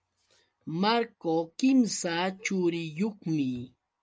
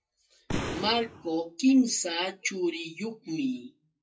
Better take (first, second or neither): first